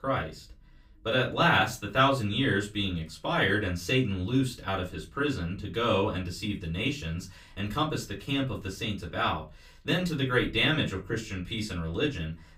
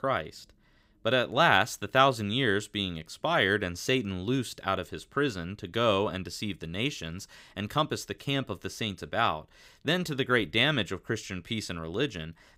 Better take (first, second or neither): second